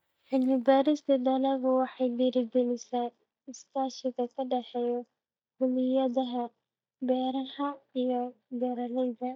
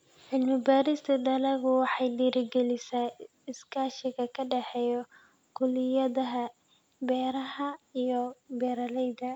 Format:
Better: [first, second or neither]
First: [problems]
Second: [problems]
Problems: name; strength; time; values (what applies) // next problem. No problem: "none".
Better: second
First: noise reduction (neural mask model DeepFilterNet 3)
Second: none